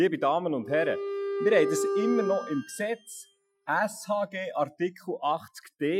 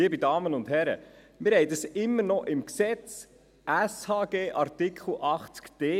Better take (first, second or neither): second